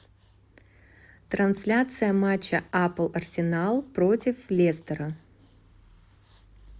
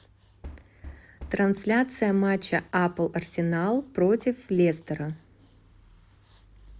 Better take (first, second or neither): first